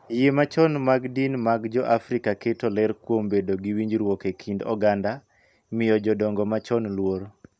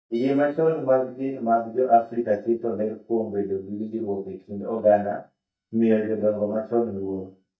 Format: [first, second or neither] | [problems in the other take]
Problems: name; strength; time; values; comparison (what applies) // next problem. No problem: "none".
first | noise reduction (neural mask model DeepFilterNet 3)